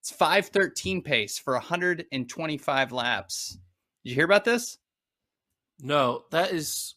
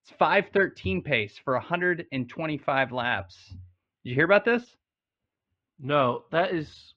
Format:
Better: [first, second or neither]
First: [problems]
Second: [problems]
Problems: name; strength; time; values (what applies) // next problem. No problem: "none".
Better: first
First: none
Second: muffled; very; fading above 3 kHz